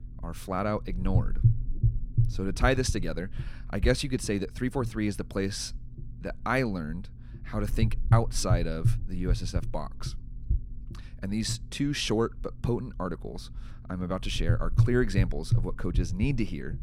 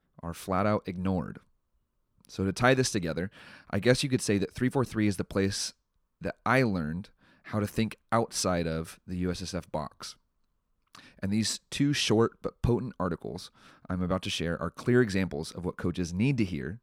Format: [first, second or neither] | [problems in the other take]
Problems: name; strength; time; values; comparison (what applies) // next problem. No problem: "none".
second | low rumble; noticeable; throughout; 10 dB below the speech